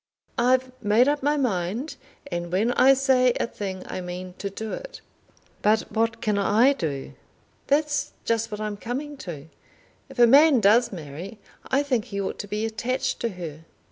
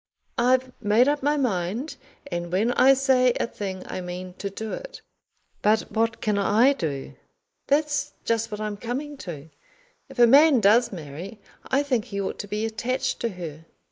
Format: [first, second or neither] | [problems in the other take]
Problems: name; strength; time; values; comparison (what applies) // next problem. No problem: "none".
first | noise reduction (neural mask model Resemble Enhance denoiser)